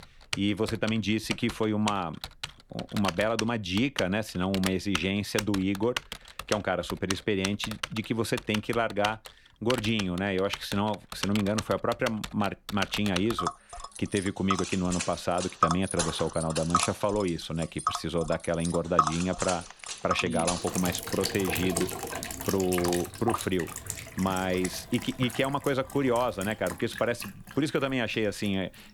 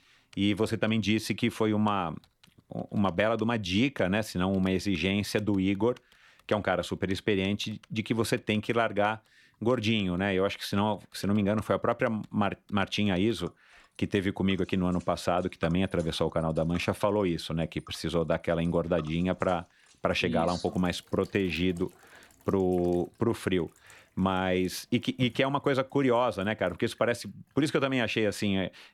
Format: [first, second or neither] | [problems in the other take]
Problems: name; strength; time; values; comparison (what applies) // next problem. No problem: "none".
second | household noises; loud; throughout; 5 dB below the speech; faint in the second